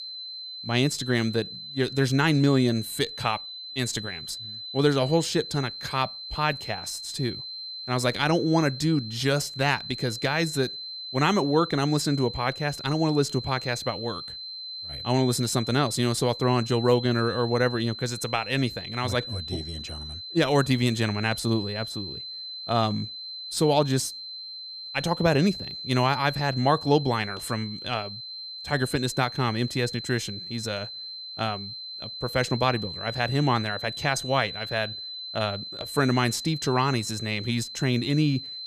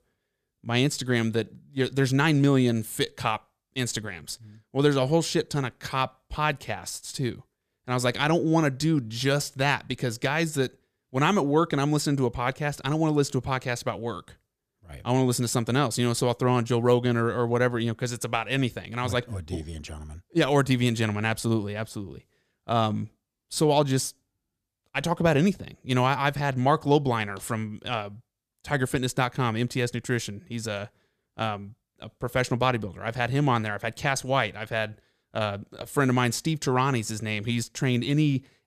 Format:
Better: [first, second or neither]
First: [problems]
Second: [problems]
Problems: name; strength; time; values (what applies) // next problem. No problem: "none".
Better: second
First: high-pitched whine; loud; throughout; 4 kHz, 9 dB below the speech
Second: none